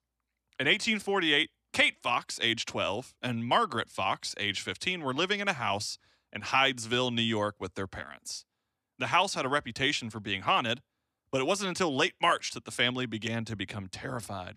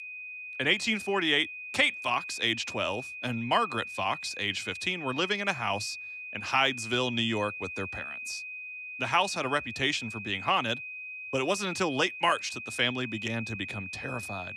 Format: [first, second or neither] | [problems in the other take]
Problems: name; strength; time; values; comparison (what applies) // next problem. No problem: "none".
first | high-pitched whine; loud; throughout; 2.5 kHz, 9 dB below the speech